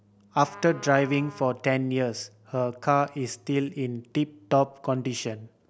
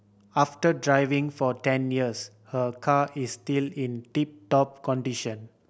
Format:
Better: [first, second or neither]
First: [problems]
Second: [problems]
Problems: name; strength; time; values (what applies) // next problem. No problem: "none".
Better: second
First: background sound (Trumpet); 19 dB below the speech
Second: none